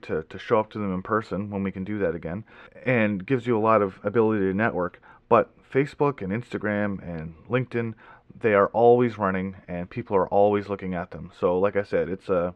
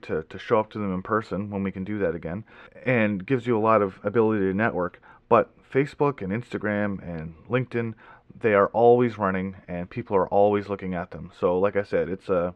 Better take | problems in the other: neither | muffled; very; fading above 2.5 kHz; the same in both

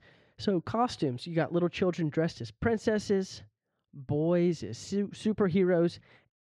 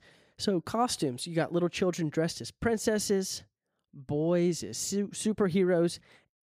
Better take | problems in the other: second | muffled; slightly; fading above 3.5 kHz

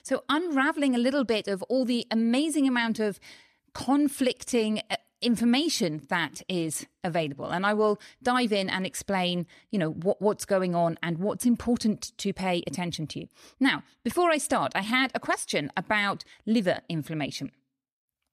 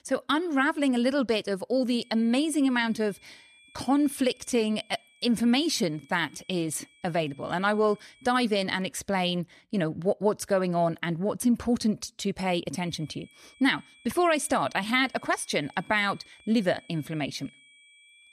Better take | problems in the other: first | high-pitched whine; faint; from 2 to 8.5 s and from 13 s on; 2.5 kHz, 30 dB below the speech

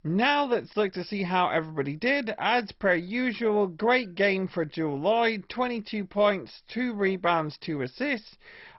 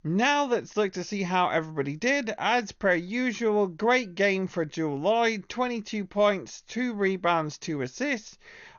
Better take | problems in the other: second | garbled, watery; badly; nothing above 5.5 kHz; slightly in the second

